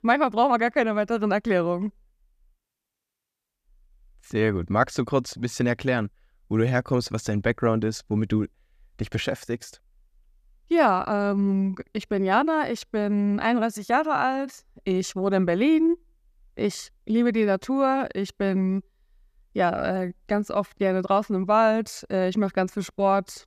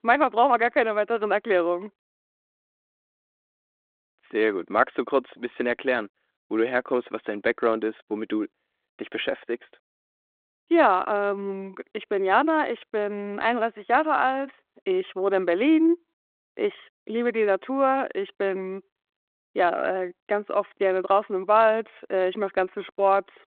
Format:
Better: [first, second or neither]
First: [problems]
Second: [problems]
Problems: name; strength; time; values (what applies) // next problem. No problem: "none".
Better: first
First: none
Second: phone-call audio